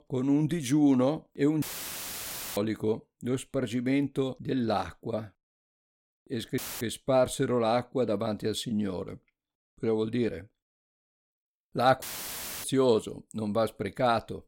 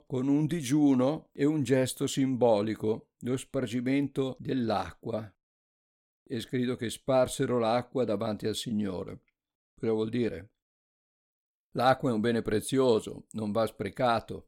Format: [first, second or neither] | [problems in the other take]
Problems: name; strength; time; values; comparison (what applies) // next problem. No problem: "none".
second | audio cutting out; filled with static; at 1.5 s for 1 s, at 6.5 s and at 12 s for 0.5 s